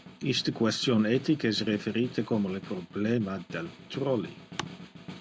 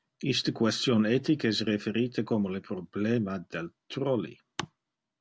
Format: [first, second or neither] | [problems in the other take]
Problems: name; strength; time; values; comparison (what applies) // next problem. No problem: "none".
second | background sound (Snare drum); 15 dB below the speech